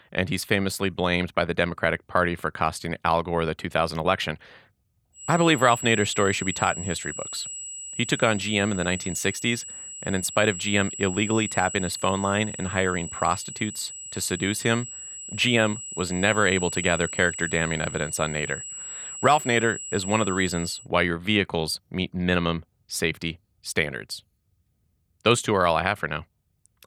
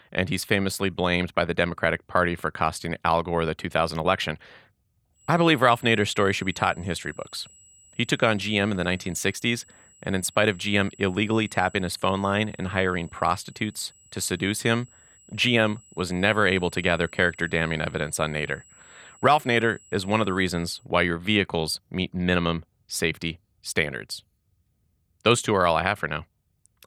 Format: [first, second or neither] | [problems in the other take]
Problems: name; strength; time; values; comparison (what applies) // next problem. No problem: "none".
second | high-pitched whine; loud; from 5 to 21 s; 8 kHz, 9 dB below the speech; faint in the second